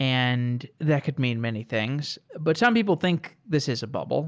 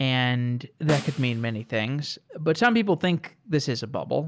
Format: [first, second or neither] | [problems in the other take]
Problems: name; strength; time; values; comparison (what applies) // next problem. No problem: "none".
first | background sound (Snare drum); 13 dB below the speech